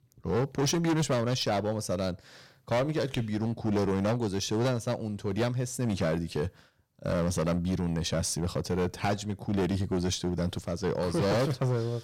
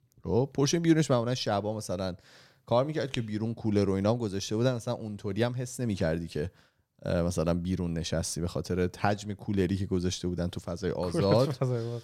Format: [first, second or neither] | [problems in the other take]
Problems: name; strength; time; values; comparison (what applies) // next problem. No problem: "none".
second | distortion; heavy; 13% of the sound clipped